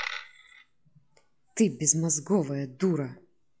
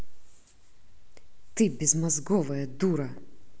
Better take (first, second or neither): second